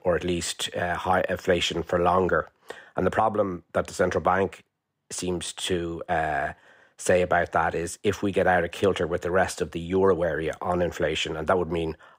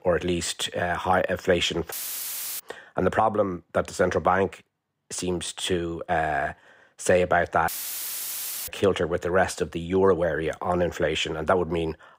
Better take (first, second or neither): first